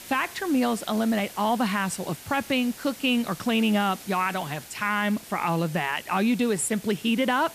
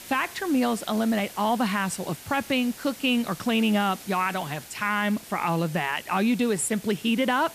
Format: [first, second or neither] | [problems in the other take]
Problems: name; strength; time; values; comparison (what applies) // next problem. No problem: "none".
neither | hiss; noticeable; throughout; 15 dB below the speech; the same in both